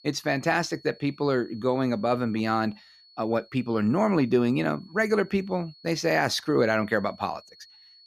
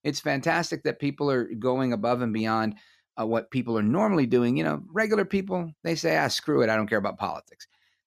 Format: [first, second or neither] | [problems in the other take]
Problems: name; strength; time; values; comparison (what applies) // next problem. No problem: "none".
second | high-pitched whine; faint; throughout; 4.5 kHz, 25 dB below the speech